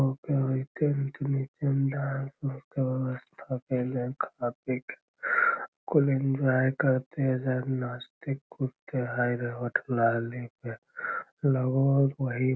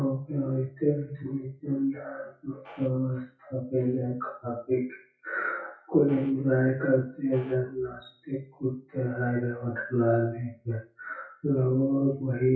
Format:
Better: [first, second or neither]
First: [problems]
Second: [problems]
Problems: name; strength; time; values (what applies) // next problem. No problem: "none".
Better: first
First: none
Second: noise reduction (classical method WPE with log-MMSE)